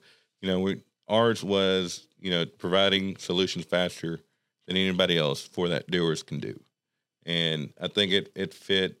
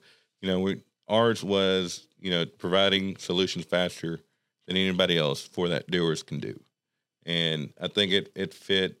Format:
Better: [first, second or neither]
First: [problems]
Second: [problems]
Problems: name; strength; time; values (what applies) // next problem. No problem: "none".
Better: neither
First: none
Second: none